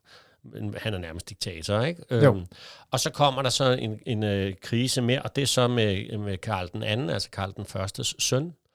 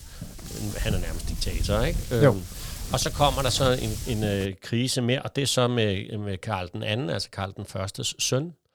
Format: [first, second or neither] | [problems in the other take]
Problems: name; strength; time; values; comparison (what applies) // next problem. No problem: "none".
first | wind noise on the microphone; occasional gusts; until 4.5 s; 15 dB below the speech